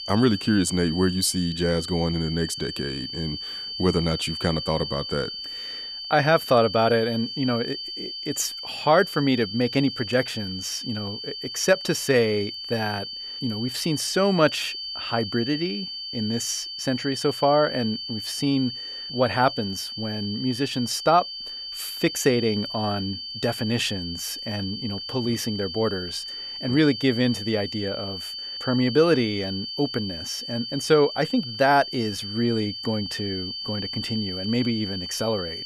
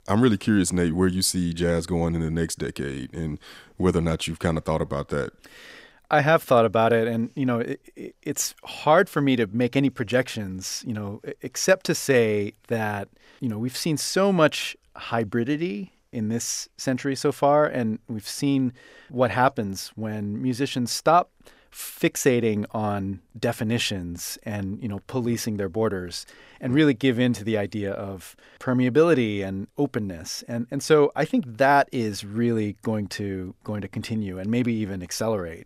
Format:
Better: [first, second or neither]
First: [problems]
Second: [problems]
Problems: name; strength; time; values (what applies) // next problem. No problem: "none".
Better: second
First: high-pitched whine; loud; throughout; 4.5 kHz, 7 dB below the speech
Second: none